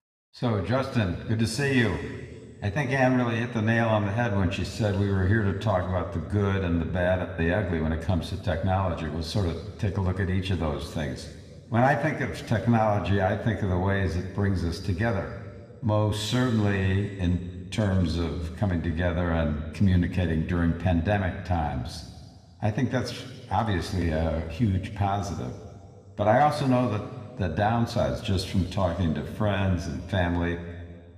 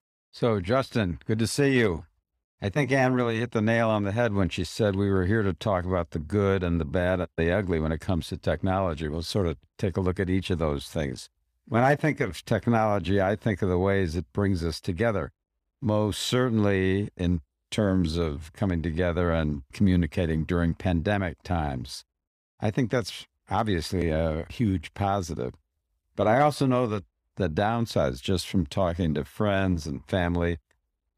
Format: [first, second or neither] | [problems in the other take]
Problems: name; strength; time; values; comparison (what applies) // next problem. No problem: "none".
second | room echo; slight; dies away in 2 s